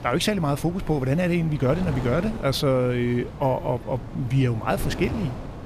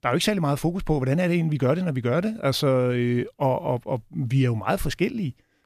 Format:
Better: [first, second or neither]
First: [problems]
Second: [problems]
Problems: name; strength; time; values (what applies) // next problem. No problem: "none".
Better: second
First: wind noise on the microphone; occasional gusts; 15 dB below the speech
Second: none